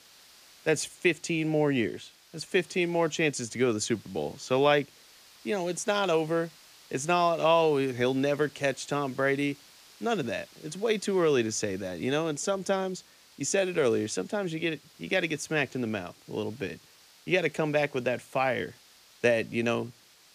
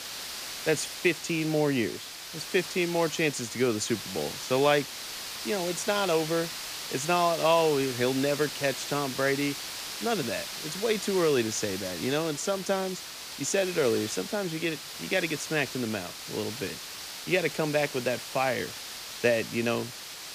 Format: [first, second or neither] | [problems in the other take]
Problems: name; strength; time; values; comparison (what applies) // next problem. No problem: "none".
first | hiss; loud; throughout; 7 dB below the speech; faint in the first